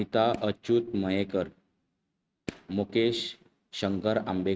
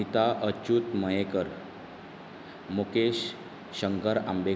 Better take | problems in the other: second | noise reduction (neural mask model RNNoise)

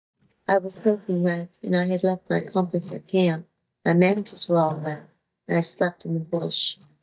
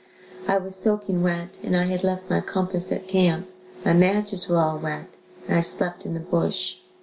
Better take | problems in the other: second | noise reduction (neural mask model DeepFilterNet 3)

